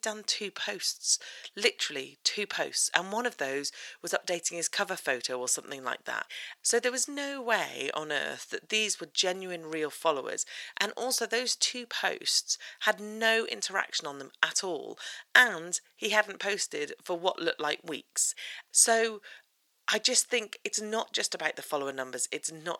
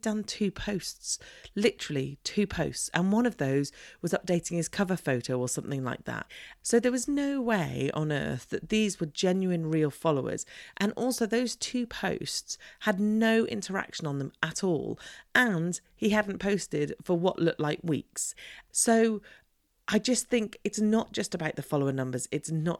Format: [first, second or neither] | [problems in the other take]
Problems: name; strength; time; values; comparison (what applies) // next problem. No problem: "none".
second | thin; very; fading below 650 Hz